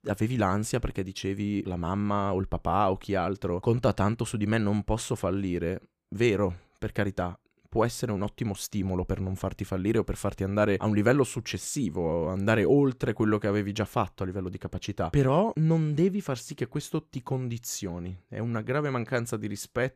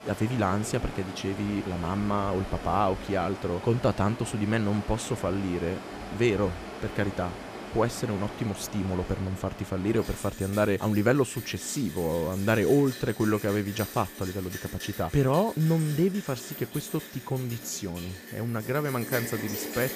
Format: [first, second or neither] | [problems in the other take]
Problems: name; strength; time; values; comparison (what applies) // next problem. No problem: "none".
first | rain or running water; noticeable; throughout; 10 dB below the speech